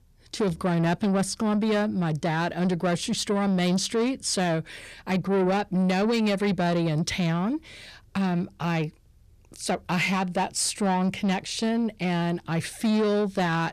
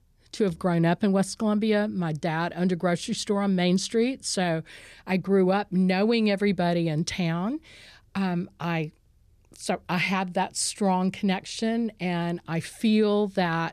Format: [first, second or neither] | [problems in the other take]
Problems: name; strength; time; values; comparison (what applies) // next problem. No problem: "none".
second | distortion; slight; 10 dB below the speech